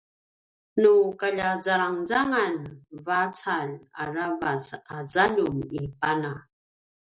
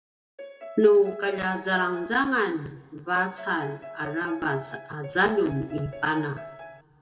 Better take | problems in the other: first | background sound (Piano); 16 dB below the speech // room echo; dies away in 1.2 s

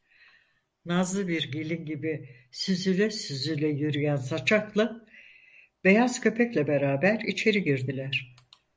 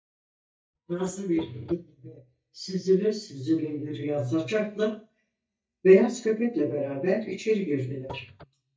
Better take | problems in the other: first | noise reduction (neural mask model DeepFilterNet 3)

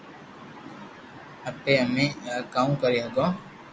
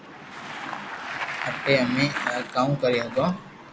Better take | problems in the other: first | background sound (Bicycle); 8 dB below the speech

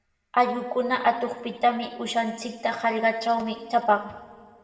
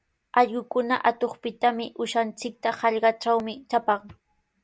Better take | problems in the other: second | room echo; dies away in 1.9 s

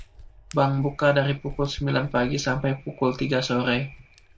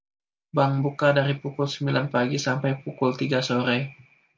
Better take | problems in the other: second | background sound (Hands); 18 dB below the speech

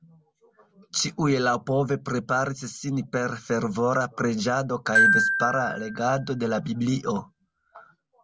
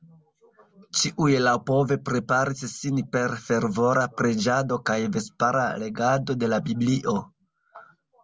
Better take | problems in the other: second | background sound (Glockenspiel); 1 dB above the speech

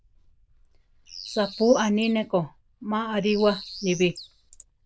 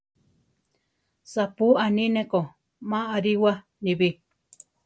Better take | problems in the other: second | noise reduction (neural diffusion model UNIVERSE++)

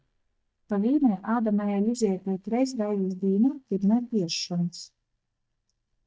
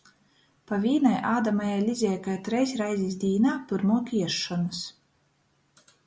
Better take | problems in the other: second | noise reduction (neural mask model DeepFilterNet 3)

